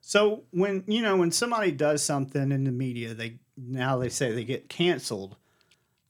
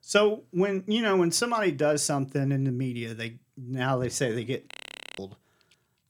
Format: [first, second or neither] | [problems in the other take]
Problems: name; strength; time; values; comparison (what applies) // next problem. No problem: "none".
first | audio freezing; at 4.5 s